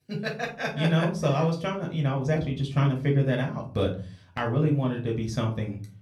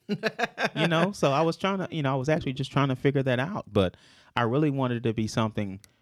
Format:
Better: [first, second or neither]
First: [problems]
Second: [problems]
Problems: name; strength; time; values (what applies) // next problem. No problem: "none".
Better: second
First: room echo; slight; dies away in 0.4 s // off-mic speech; somewhat distant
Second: none